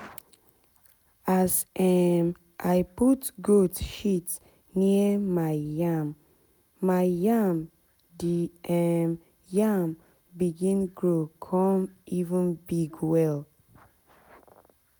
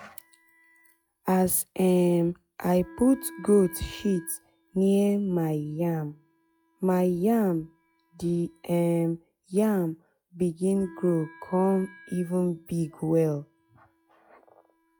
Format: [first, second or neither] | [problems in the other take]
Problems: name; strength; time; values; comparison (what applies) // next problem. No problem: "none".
first | noise reduction (classical method log-MMSE)